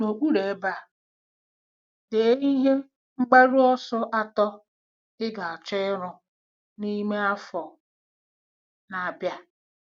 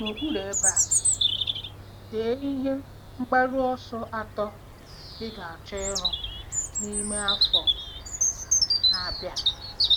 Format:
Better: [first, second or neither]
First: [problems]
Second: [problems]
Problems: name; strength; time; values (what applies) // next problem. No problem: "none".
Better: first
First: none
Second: background sound (Bird vocalization, bird call, bird song); 4 dB above the speech